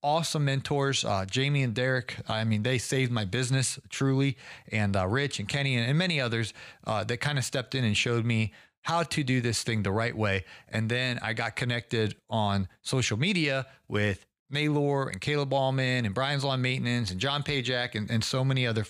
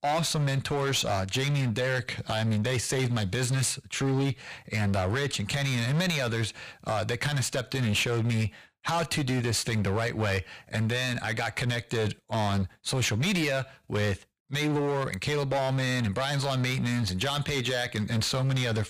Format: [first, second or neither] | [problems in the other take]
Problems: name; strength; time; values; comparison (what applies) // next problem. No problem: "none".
first | distortion; heavy; 16% of the sound clipped